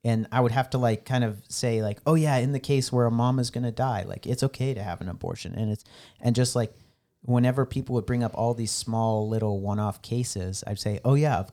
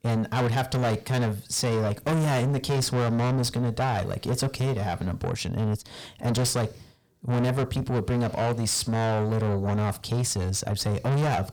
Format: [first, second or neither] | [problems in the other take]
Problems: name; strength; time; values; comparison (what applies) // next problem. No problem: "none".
first | distortion; heavy; 6 dB below the speech